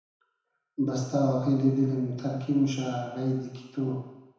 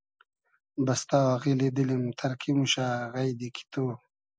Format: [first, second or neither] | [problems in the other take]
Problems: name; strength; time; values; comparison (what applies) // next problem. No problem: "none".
second | room echo; dies away in 1 s